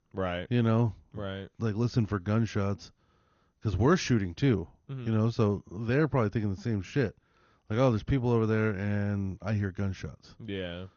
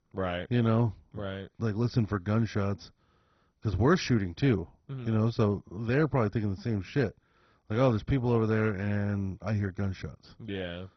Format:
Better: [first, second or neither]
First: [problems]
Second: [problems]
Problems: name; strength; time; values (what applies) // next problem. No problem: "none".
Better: first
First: garbled, watery; slightly; nothing above 6.5 kHz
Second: garbled, watery; badly; nothing above 6 kHz